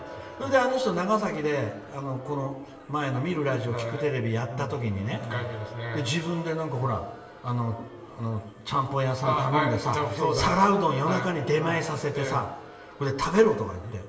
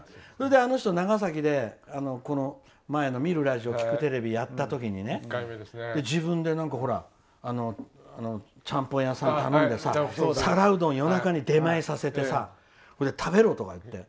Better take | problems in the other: second | background sound (Crowd); 18 dB below the speech // room echo; dies away in 1.1 s

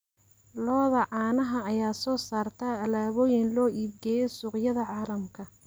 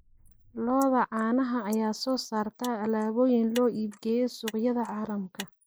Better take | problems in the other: first | noise reduction (neural mask model Resemble Enhance denoiser)

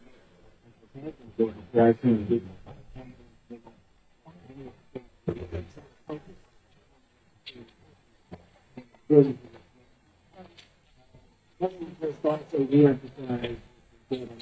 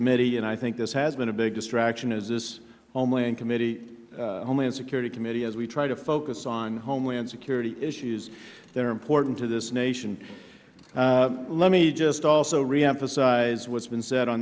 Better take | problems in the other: second | noise reduction (neural mask model DeepFilterNet 3)

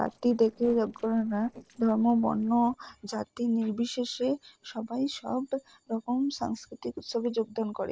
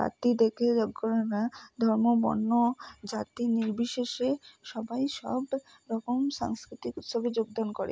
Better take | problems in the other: second | noise reduction (neural separator model SepFormer DNS4)

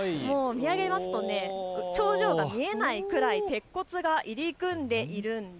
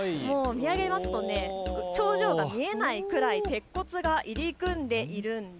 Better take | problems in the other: first | background sound (Musical instrument); 12 dB below the speech

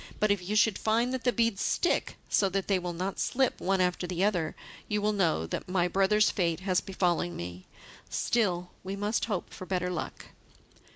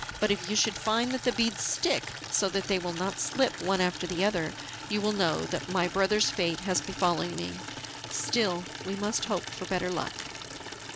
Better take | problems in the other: first | background sound (Water tap, faucet / Liquid); 10 dB below the speech

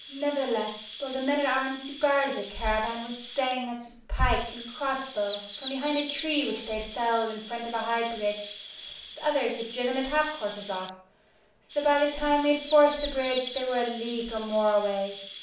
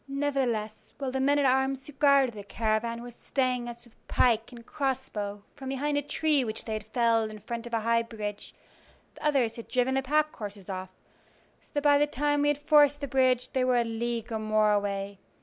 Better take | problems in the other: second | background sound (Chirp, tweet); 14 dB below the speech // room echo; dies away in 0.5 s

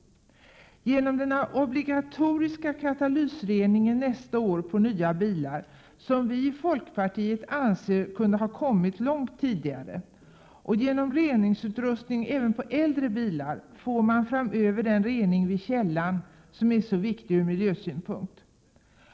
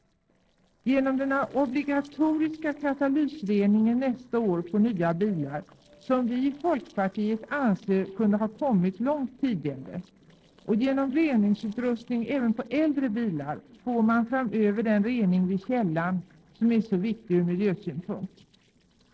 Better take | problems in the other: first | noise reduction (neural separator model SepFormer DNS4)

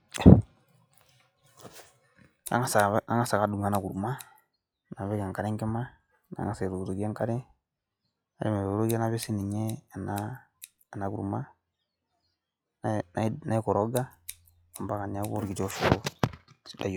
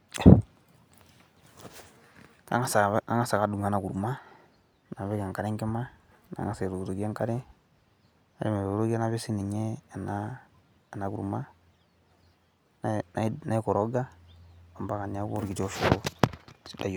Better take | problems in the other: second | noise reduction (classical method log-MMSE)

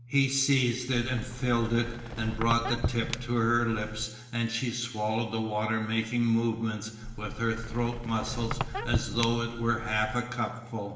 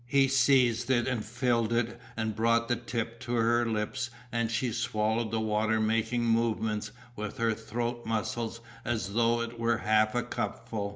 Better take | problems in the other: second | background sound (Squeak); 6 dB below the speech // room echo; dies away in 1.2 s

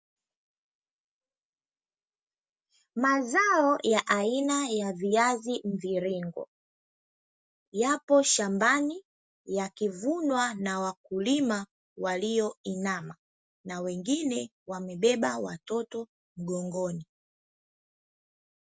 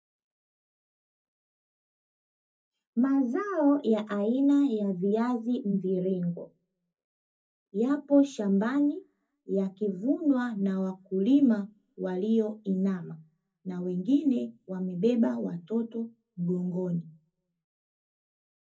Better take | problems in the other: first | room echo; dies away in 0.4 s

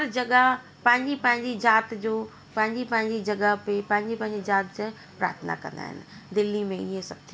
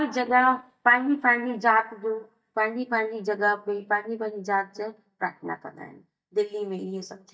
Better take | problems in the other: first | noise reduction (neural mask model DeepFilterNet 3)

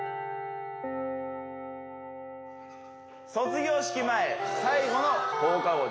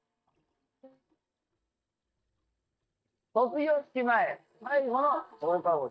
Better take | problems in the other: first | noise reduction (neural mask model DeepFilterNet 3)

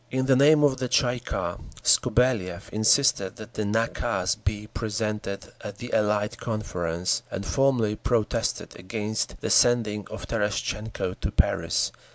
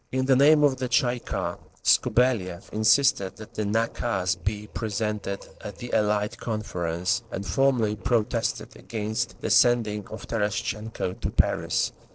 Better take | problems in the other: first | noise reduction (neural separator model SepFormer DNS4)

